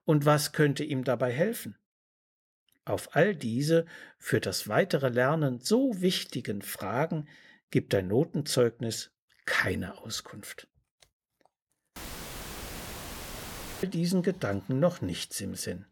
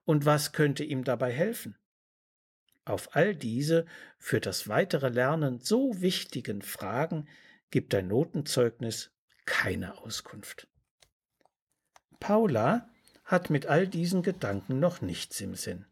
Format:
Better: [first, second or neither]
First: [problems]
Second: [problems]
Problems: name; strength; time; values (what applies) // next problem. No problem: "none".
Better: second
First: audio cutting out; filled with static; at 12 s for 2 s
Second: none